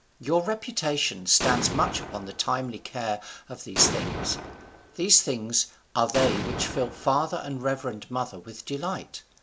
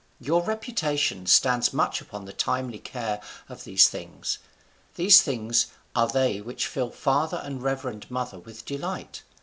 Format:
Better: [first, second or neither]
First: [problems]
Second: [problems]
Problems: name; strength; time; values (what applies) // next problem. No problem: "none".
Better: second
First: background sound (Explosion); 7 dB below the speech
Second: none